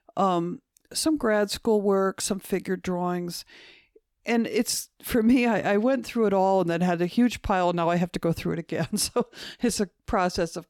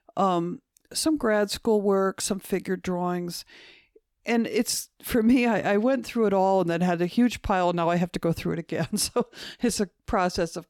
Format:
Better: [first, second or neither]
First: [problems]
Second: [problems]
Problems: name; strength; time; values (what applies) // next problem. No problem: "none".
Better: neither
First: none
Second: none